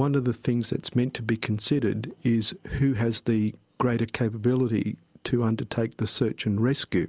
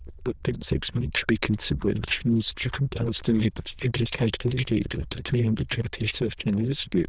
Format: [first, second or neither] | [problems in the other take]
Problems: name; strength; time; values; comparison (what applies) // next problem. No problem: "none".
first | noise reduction (neural diffusion model UNIVERSE++)